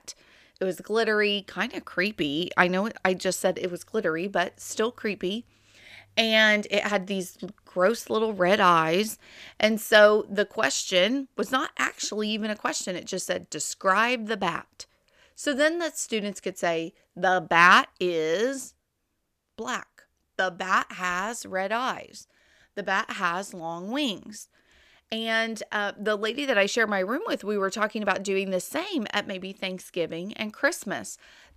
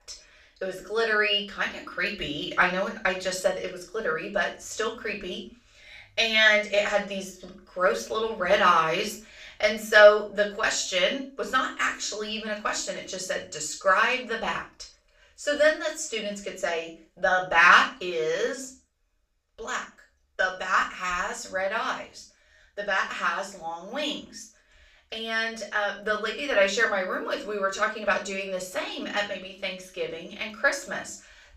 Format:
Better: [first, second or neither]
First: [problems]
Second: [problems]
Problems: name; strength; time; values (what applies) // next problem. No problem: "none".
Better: first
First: none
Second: room echo; slight; dies away in 0.3 s // off-mic speech; far